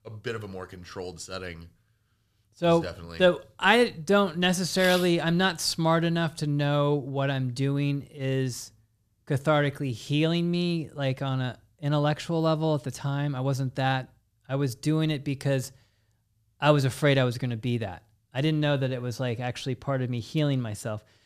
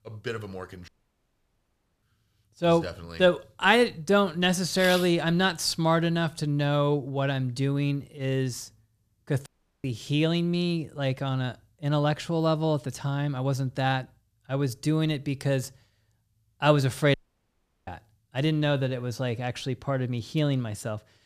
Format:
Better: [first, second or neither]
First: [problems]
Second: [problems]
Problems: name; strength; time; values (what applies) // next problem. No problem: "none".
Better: first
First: none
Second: audio cutting out; at 1 s for 1 s, at 9.5 s and at 17 s for 0.5 s